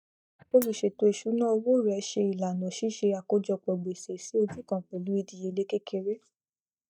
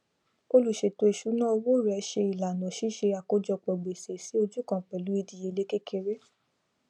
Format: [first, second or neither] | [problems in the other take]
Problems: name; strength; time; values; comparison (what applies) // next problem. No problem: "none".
second | noise reduction (neural mask model DeepFilterNet 3)